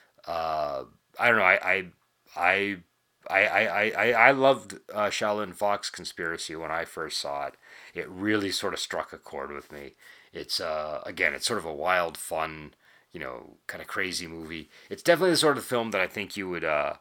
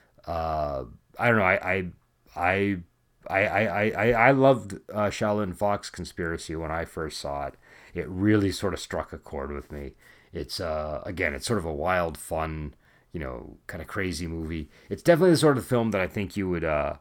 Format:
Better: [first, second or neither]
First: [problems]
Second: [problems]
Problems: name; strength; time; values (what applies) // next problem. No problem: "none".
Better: second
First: thin; somewhat; fading below 700 Hz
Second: none